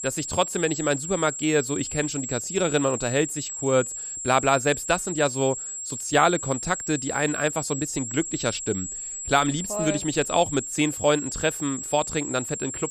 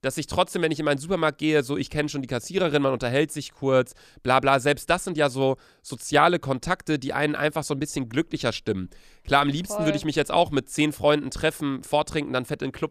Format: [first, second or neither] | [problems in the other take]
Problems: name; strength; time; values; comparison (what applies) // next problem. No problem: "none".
second | high-pitched whine; loud; throughout; 7.5 kHz, 6 dB below the speech